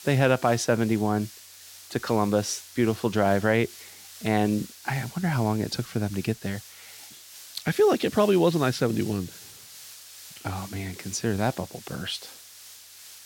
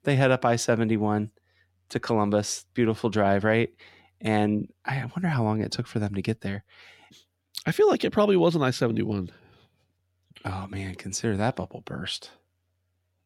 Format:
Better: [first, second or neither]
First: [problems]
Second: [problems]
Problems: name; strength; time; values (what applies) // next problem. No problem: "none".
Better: second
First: hiss; noticeable; throughout; 15 dB below the speech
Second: none